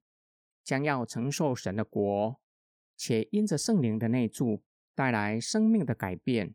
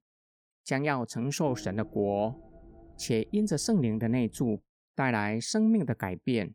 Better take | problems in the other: first | low rumble; faint; from 1.5 to 4.5 s; 20 dB below the speech

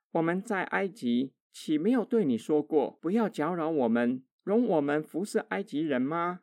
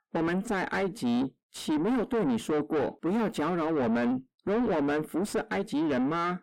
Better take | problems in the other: first | distortion; heavy; 7 dB below the speech

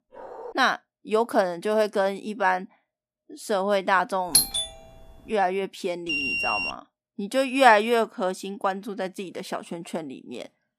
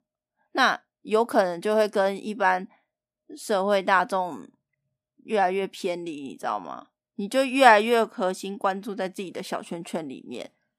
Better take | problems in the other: second | dog barking; faint; at the start; peak 15 dB below the speech // doorbell; loud; at 4.5 s; peak 5 dB above the speech // alarm; loud; at 6 s; peak 1 dB above the speech

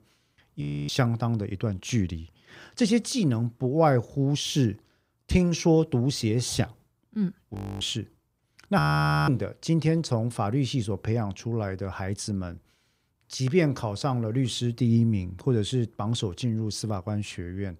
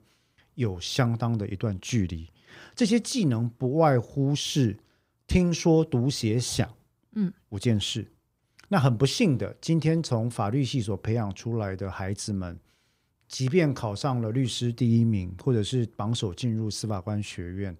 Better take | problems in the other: second | audio freezing; at 0.5 s, at 7.5 s and at 9 s

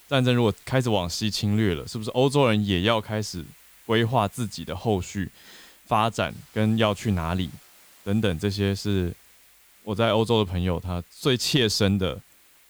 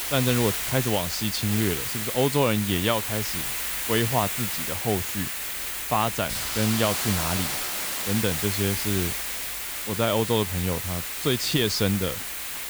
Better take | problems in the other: first | hiss; loud; throughout; 1 dB below the speech; faint in the first

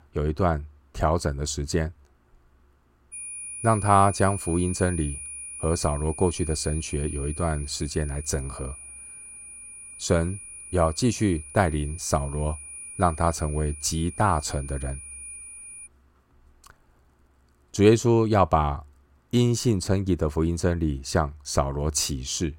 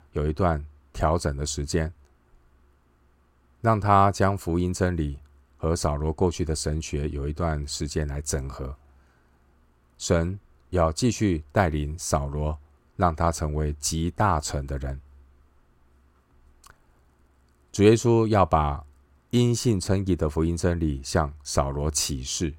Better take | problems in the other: second | high-pitched whine; noticeable; from 3 to 16 s; 9.5 kHz, 10 dB below the speech

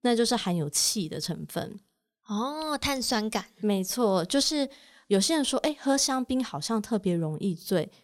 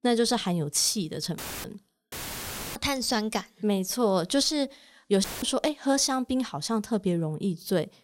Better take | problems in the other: first | audio cutting out; filled with static; at 1.5 s, at 2 s for 0.5 s and at 5 s

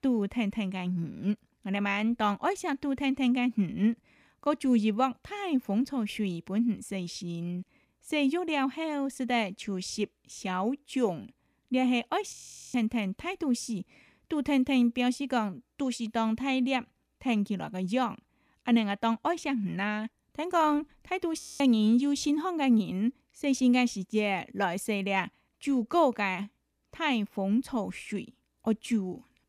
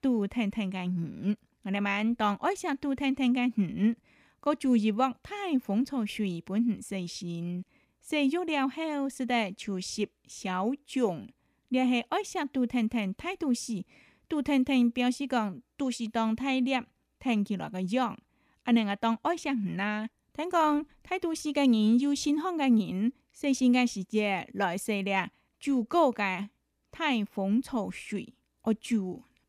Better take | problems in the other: second | audio freezing; at 12 s and at 21 s

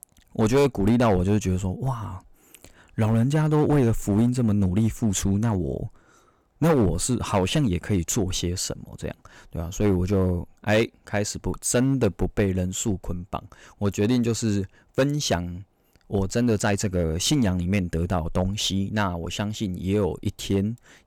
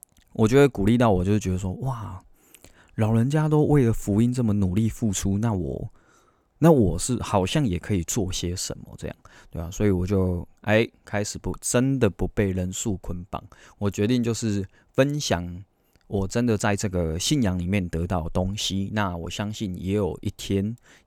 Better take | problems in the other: second | distortion; slight; 4% of the sound clipped

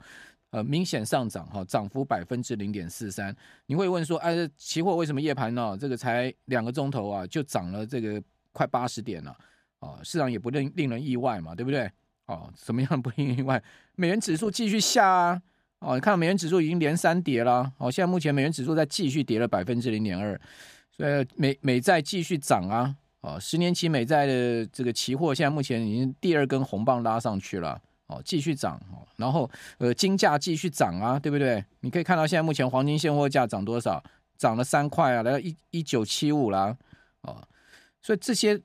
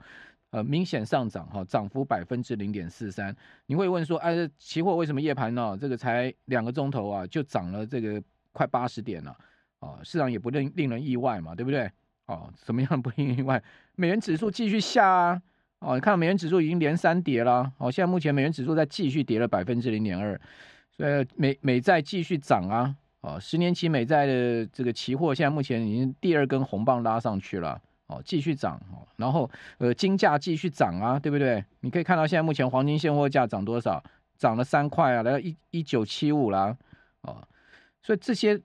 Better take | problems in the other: first | muffled; very slightly; fading above 3.5 kHz

